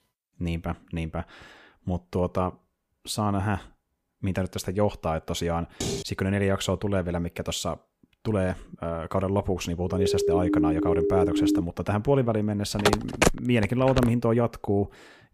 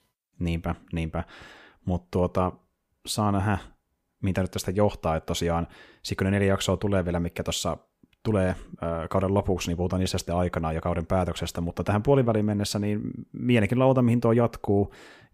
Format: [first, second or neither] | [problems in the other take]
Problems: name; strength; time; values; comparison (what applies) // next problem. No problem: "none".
second | clattering dishes; noticeable; at 6 s; peak 3 dB below the speech // siren; loud; from 10 to 12 s; peak 4 dB above the speech // phone ringing; loud; from 13 to 14 s; peak 4 dB above the speech